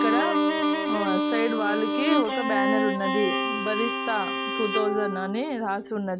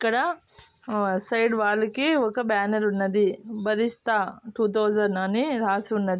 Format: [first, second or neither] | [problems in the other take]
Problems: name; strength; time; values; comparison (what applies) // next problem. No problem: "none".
second | background sound (Bowed string instrument); 2 dB above the speech